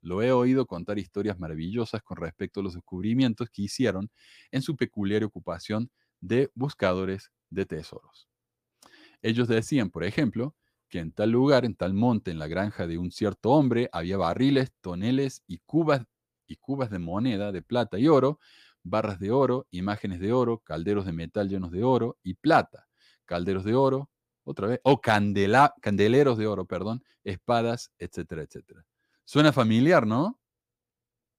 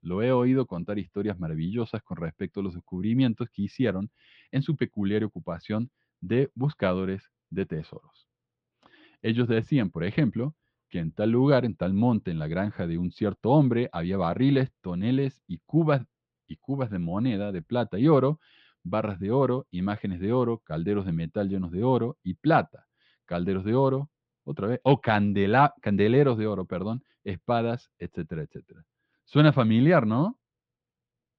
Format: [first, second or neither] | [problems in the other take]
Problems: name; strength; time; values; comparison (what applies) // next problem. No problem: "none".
first | muffled; slightly; fading above 3.5 kHz